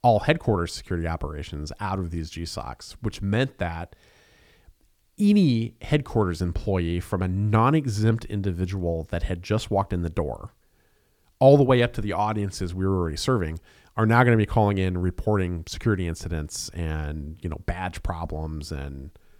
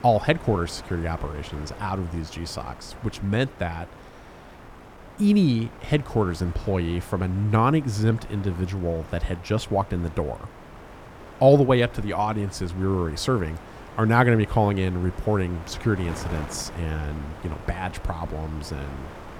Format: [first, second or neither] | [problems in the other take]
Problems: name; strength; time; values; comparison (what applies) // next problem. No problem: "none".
first | wind noise on the microphone; occasional gusts; 15 dB below the speech